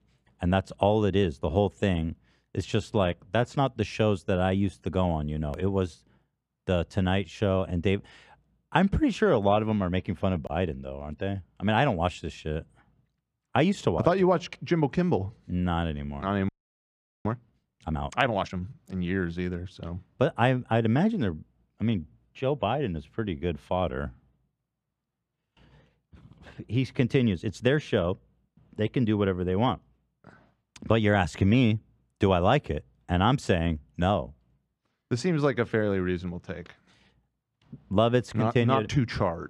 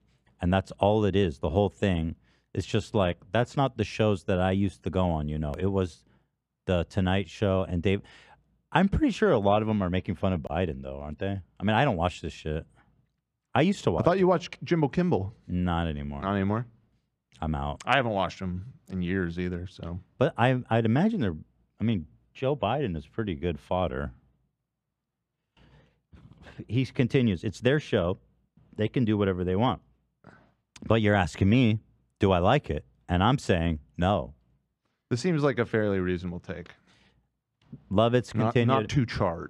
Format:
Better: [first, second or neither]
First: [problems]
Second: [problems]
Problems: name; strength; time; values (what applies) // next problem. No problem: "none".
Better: second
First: audio freezing; at 16 s for 1 s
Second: none